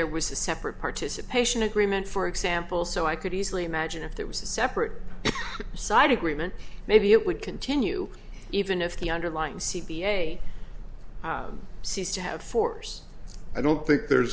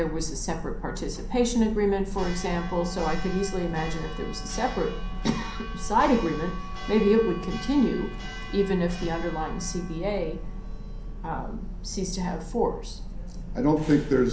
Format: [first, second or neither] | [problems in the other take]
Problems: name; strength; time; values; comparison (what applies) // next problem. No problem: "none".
first | background sound (Church bell); 7 dB below the speech // room echo; dies away in 0.6 s